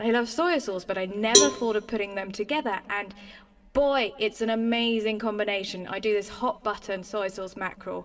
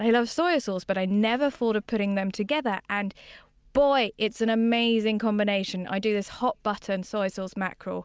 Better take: second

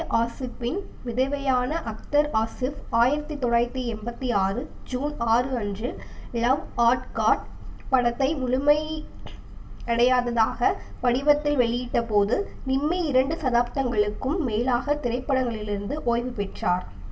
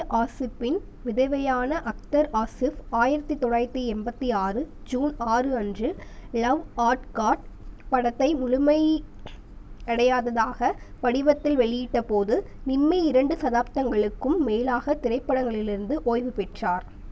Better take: second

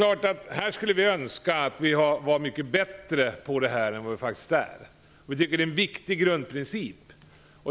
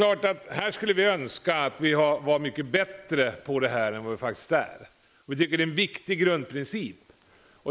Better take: first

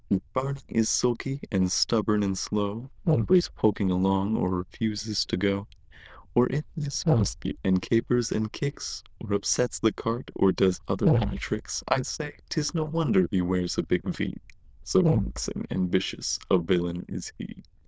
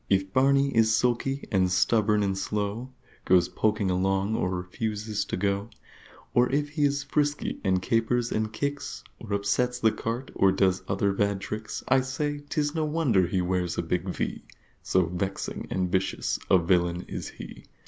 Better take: second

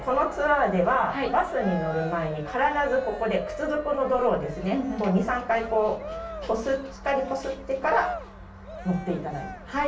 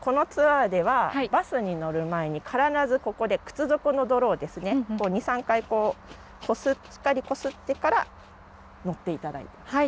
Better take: second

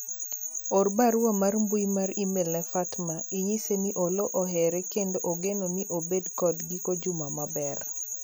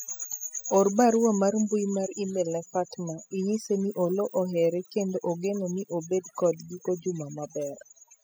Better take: first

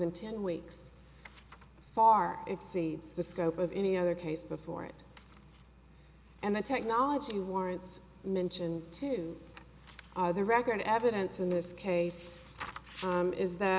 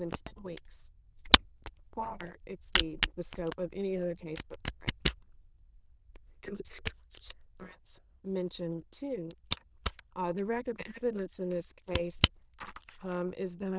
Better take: first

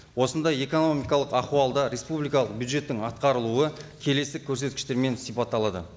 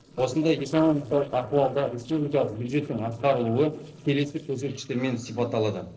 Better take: first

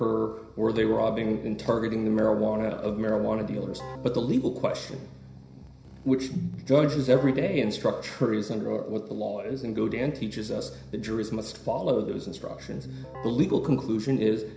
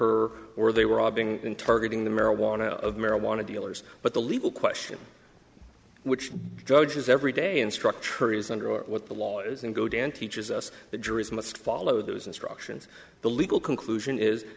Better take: second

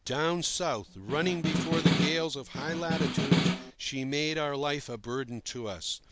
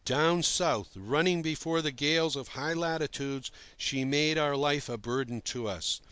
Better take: second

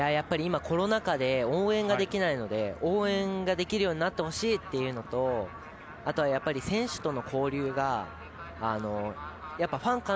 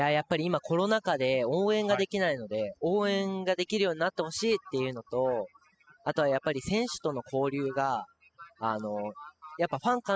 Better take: first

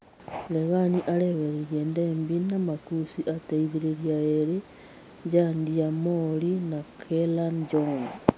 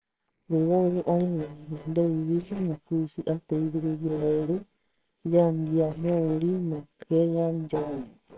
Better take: first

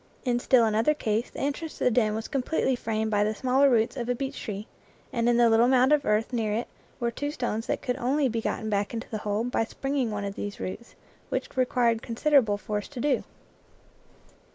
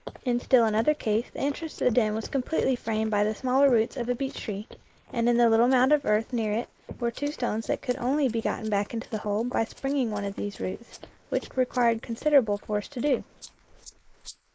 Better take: first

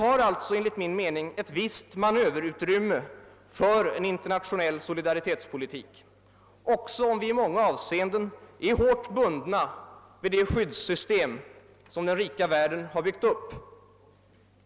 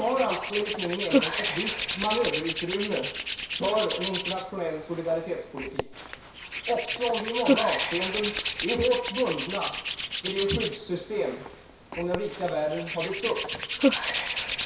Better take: first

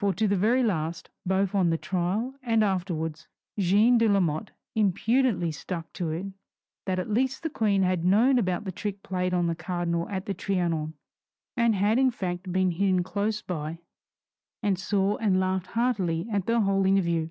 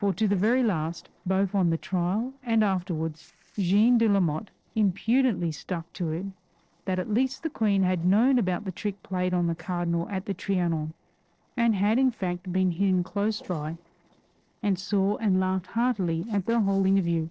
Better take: first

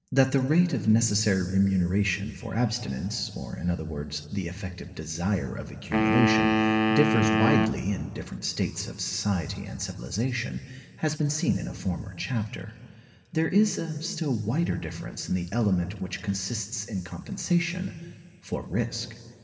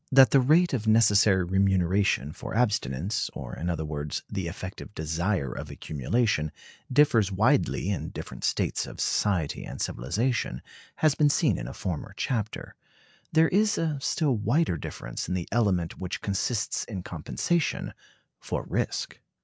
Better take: second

